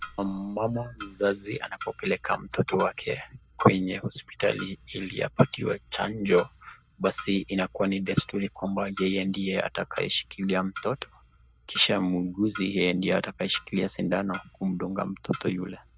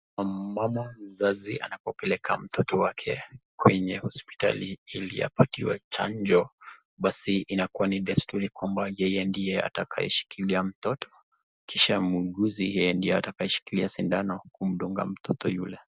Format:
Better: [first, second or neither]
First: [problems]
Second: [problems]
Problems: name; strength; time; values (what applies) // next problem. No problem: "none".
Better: second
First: background sound (Clock); 18 dB below the speech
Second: none